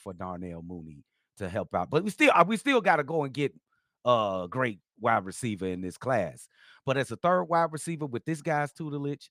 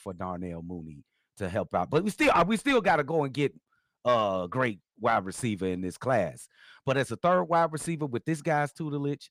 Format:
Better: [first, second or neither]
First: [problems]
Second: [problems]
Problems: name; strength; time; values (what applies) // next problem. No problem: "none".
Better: first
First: none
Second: distortion; slight; 10 dB below the speech